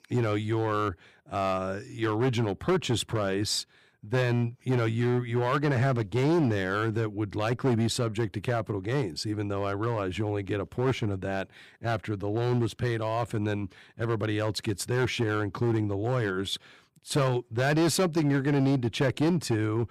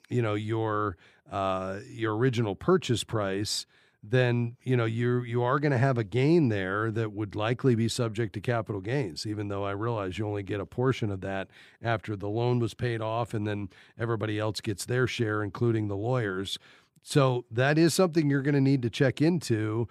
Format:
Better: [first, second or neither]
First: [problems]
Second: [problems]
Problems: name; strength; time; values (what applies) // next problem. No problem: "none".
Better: second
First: distortion; slight; 8% of the sound clipped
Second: none